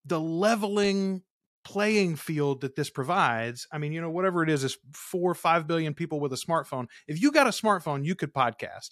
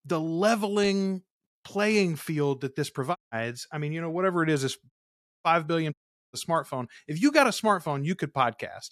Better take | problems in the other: first | audio cutting out; at 3 s, at 5 s for 0.5 s and at 6 s

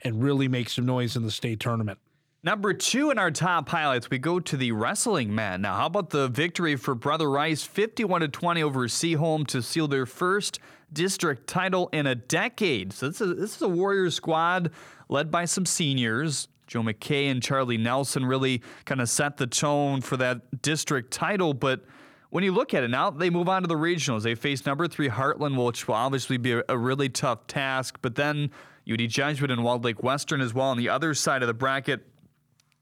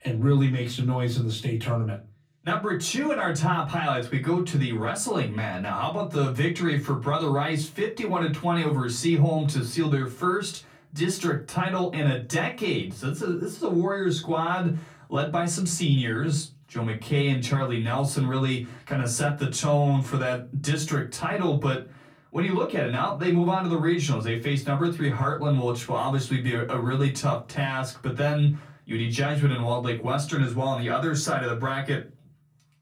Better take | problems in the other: first | off-mic speech; far // room echo; very slight; dies away in 0.3 s

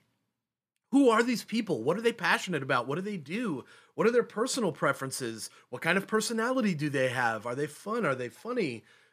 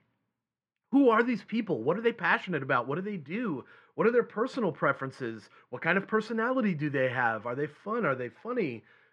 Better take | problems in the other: first | muffled; very; fading above 2 kHz

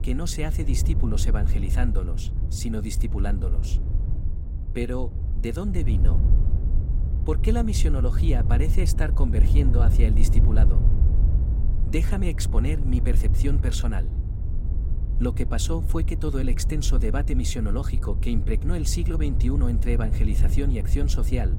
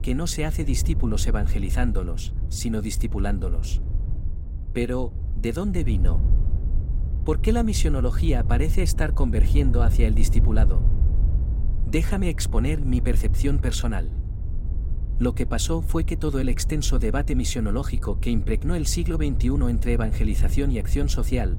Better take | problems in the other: second | wind noise on the microphone; heavy; 8 dB below the speech; occasional gusts in the second

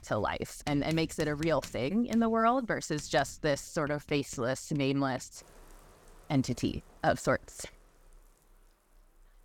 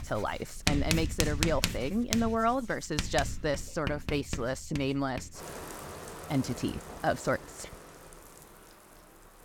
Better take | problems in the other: first | household noises; loud; throughout; 4 dB below the speech; faint in the first

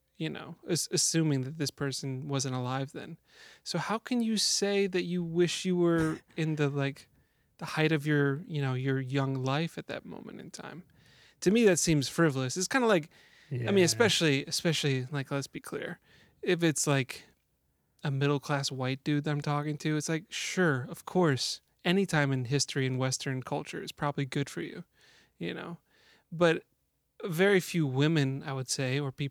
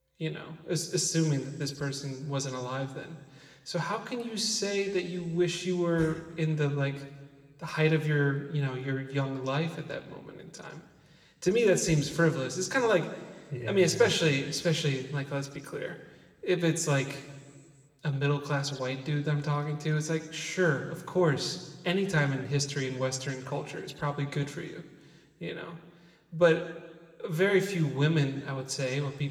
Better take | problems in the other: first | room echo; slight; dies away in 1.5 s

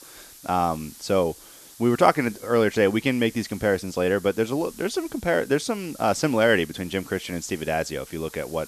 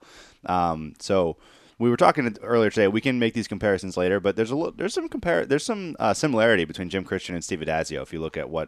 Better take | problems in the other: second | hiss; noticeable; throughout; 20 dB below the speech

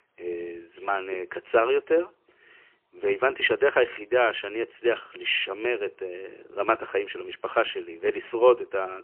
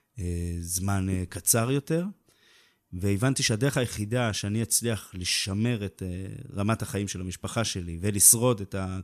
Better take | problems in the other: second | phone-call audio; poor line; nothing above 3 kHz

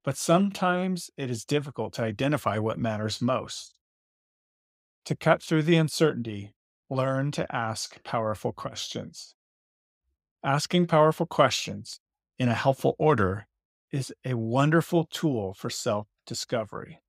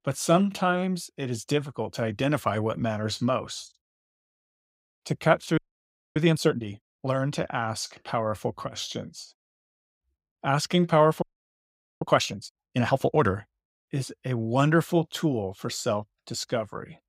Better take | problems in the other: first | audio freezing; at 5.5 s for 0.5 s and at 11 s for 1 s

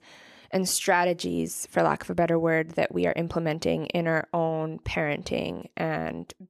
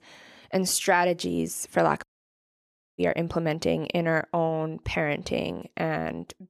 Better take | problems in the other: first | audio cutting out; at 2 s for 1 s

